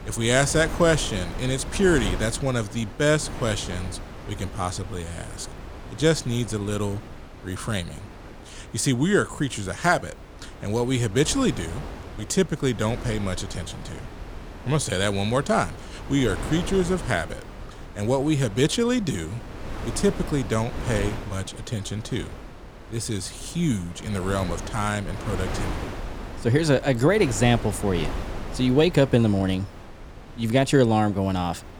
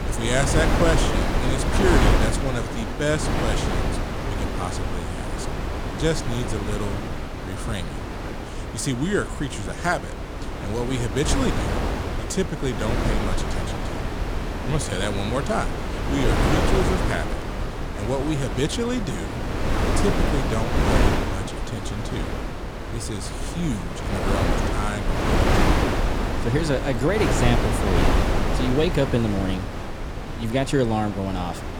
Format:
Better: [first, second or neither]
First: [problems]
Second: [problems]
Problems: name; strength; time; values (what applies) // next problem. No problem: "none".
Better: first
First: wind noise on the microphone; occasional gusts; 15 dB below the speech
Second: wind noise on the microphone; heavy; as loud as the speech